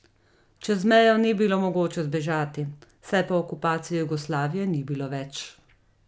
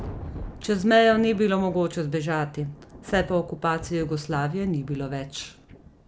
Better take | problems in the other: first | background sound (Thunder); 15 dB below the speech

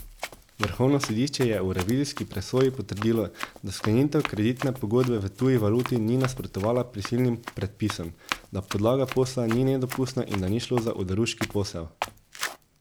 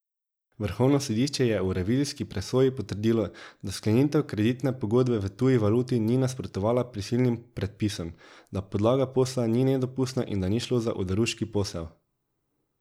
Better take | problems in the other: second | background sound (Run); 13 dB below the speech

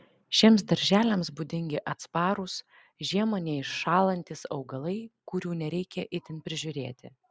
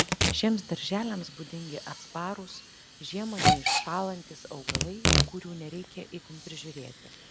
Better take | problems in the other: first | background sound (Hiss / Alarm / Train + Packing tape, duct tape / Tearing); 4 dB above the speech

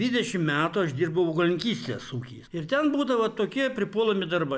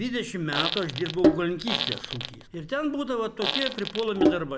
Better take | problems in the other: first | background sound (Sink (filling or washing) + Fart); 1 dB above the speech

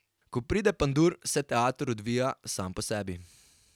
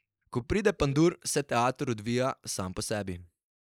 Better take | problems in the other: first | noise reduction (neural mask model Resemble Enhance denoiser)

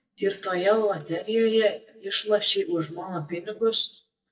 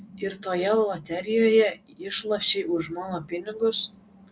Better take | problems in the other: second | noise reduction (neural mask model DeepFilterNet 3)

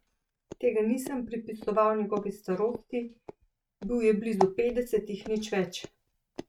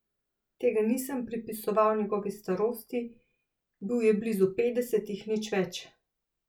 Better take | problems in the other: second | noise reduction (neural mask model RNNoise)

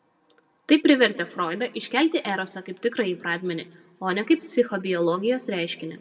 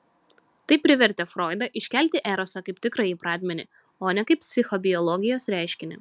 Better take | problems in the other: second | room echo; dies away in 0.6 s

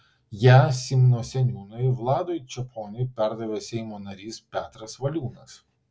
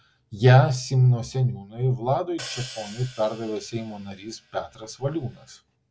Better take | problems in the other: first | background sound (Hi-hat); 19 dB below the speech

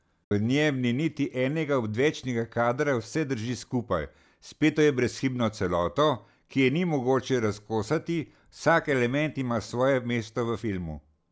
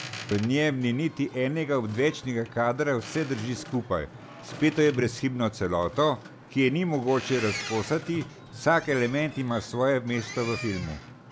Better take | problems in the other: first | background sound (Boat, Water vehicle); 14 dB below the speech

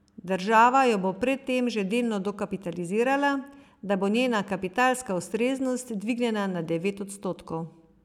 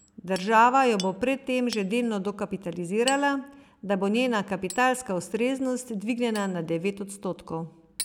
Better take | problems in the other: first | background sound (Hammer); 18 dB below the speech

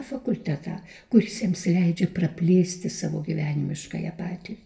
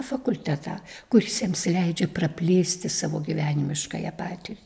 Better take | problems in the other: second | room echo; dies away in 0.2 s

